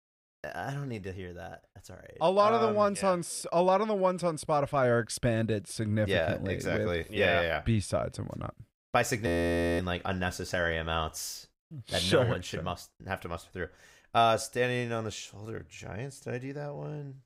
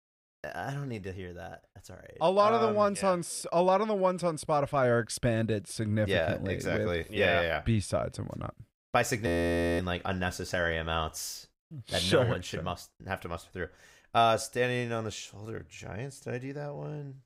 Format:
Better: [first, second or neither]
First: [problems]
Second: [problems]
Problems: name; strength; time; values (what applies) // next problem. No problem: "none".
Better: neither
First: audio freezing; at 9.5 s for 0.5 s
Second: audio freezing; at 9.5 s for 0.5 s